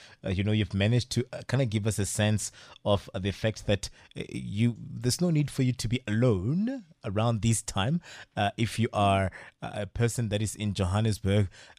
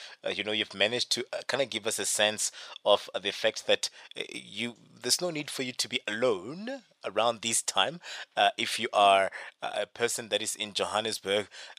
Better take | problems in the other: first | thin; very; fading below 600 Hz

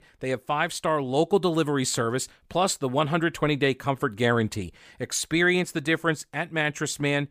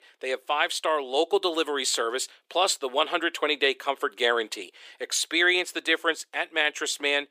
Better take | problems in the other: first | thin; very; fading below 350 Hz

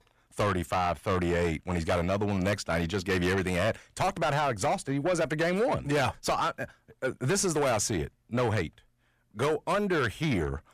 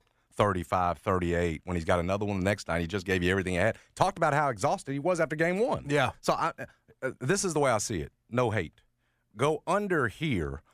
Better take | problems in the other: second | distortion; heavy; 7 dB below the speech

